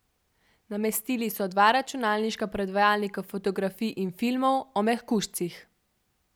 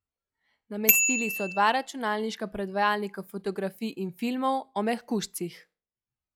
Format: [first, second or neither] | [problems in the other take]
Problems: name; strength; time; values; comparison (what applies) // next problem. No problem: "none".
first | noise reduction (classical method log-MMSE)